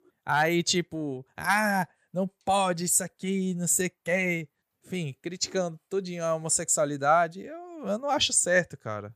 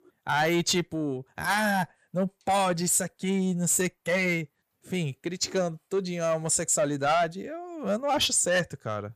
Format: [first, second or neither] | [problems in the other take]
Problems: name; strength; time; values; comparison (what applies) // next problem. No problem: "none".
first | distortion; slight; 10 dB below the speech